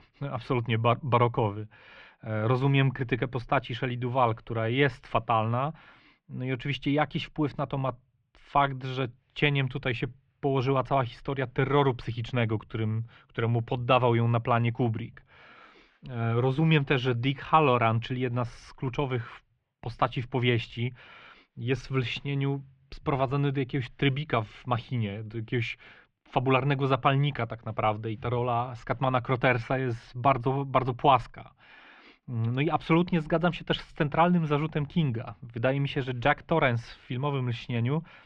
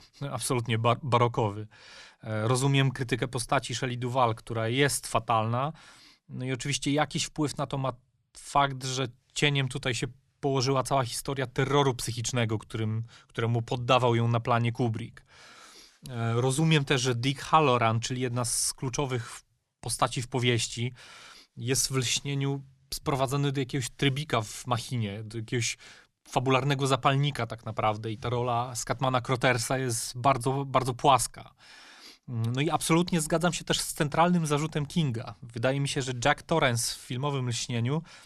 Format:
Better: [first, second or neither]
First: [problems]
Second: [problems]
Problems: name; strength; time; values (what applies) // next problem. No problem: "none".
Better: second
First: muffled; very; fading above 3 kHz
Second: none